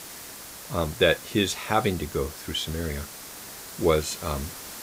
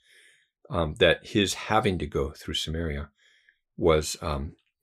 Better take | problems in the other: second | hiss; noticeable; throughout; 10 dB below the speech

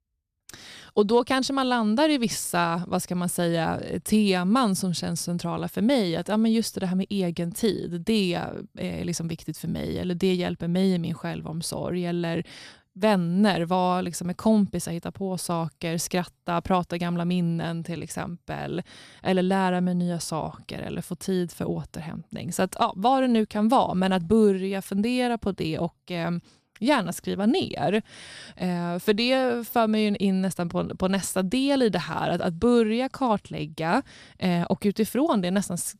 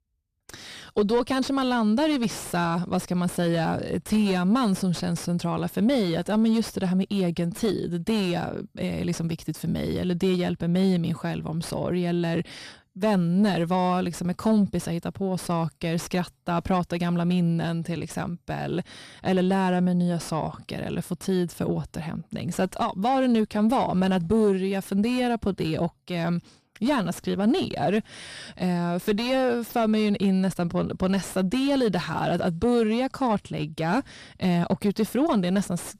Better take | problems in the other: first | distortion; slight; 10 dB below the speech

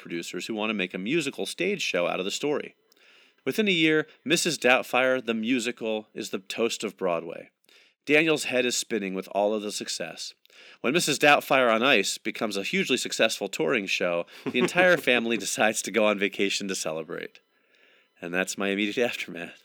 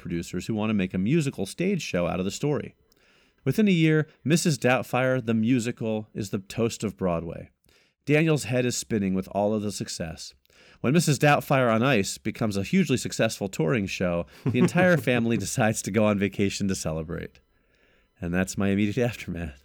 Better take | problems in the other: second | thin; somewhat; fading below 250 Hz

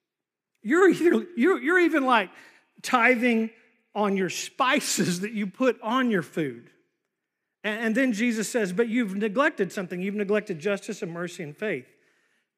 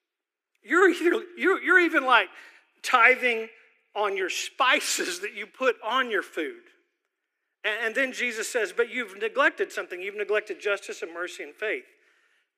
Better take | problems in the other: first | thin; very; fading below 300 Hz

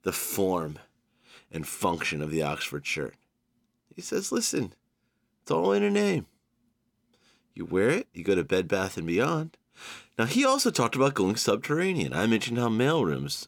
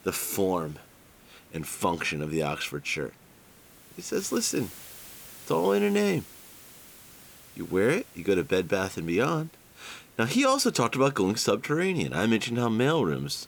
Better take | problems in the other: first | hiss; faint; throughout; 20 dB below the speech

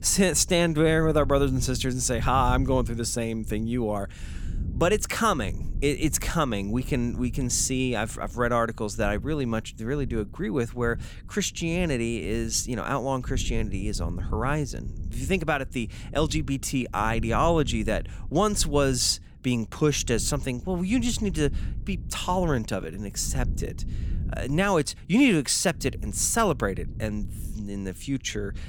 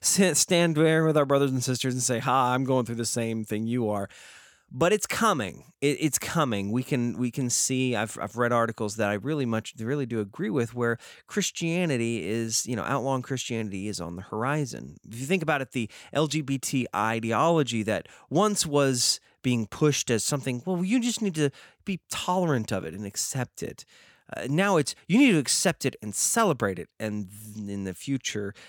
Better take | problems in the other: second | low rumble; faint; throughout; 25 dB below the speech

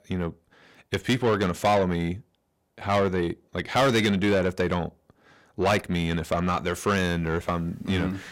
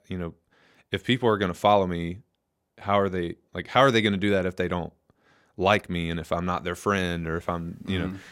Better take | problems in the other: second | distortion; heavy; 8 dB below the speech

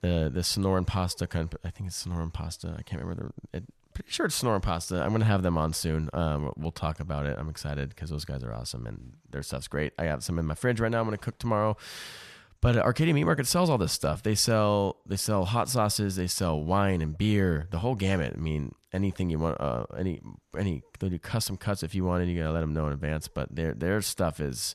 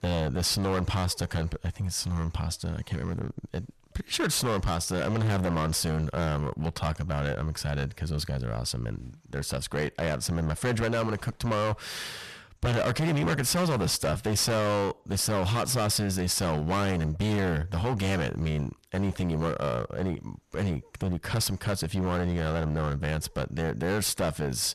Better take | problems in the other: first | distortion; heavy; 18% of the sound clipped

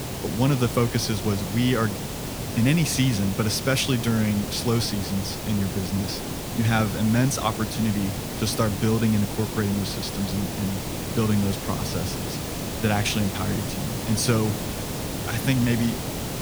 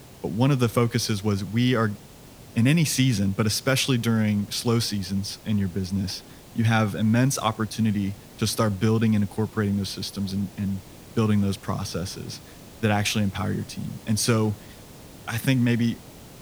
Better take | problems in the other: second | hiss; loud; throughout; 5 dB below the speech; faint in the second

